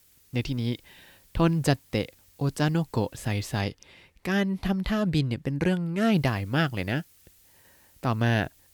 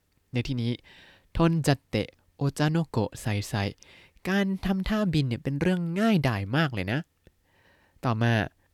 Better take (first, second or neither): second